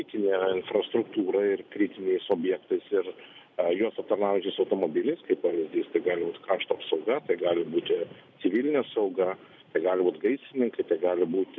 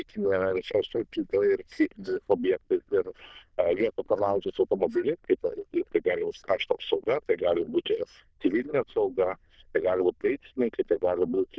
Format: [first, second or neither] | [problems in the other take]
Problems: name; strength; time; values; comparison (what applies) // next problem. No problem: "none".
first | noise reduction (neural diffusion model UNIVERSE++)